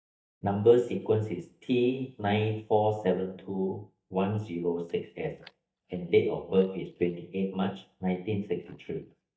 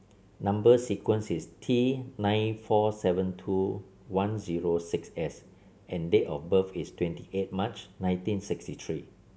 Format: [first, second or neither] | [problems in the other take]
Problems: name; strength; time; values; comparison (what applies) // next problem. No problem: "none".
second | noise reduction (neural mask model DeepFilterNet 3)